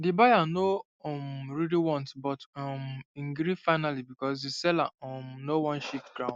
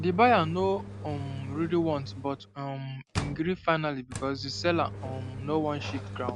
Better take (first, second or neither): first